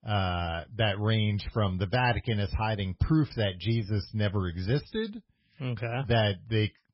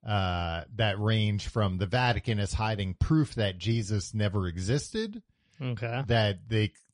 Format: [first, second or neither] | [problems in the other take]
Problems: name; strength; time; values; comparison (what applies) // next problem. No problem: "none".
second | garbled, watery; badly; nothing above 5.5 kHz; slightly in the second